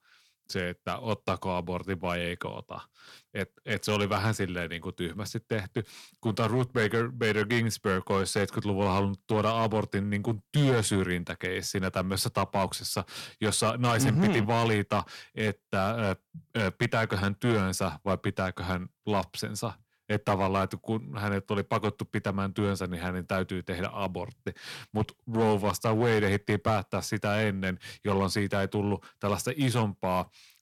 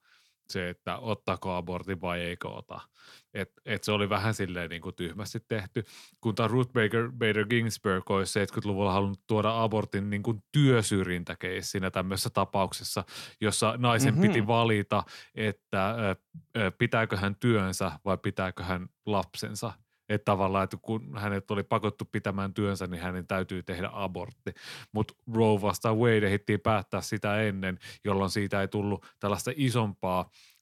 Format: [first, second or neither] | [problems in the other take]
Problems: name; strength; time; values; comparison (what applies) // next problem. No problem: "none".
second | distortion; slight; 4% of the sound clipped